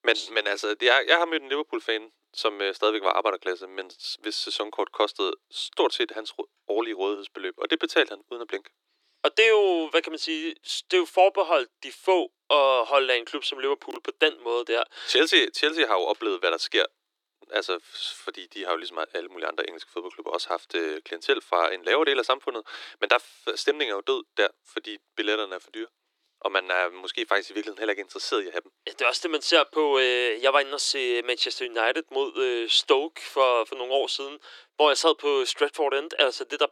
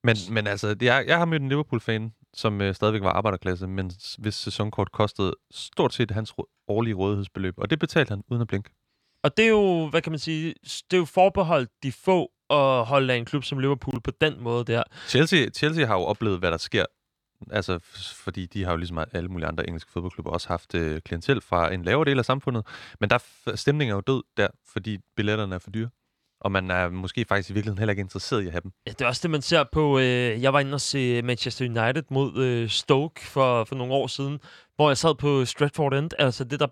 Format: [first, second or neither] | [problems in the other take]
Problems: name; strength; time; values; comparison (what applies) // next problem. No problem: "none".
second | thin; very; fading below 300 Hz